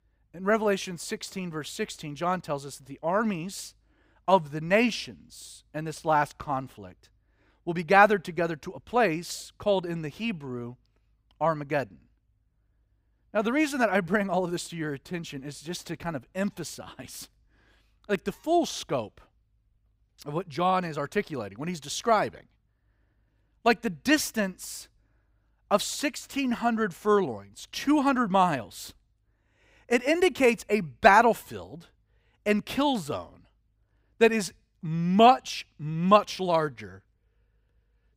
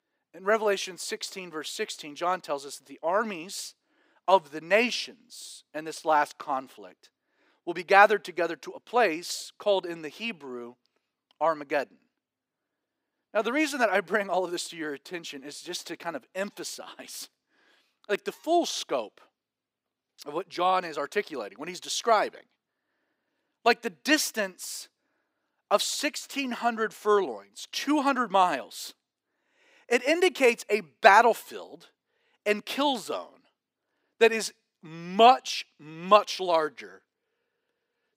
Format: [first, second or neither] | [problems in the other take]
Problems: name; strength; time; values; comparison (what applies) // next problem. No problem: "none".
first | thin; somewhat; fading below 300 Hz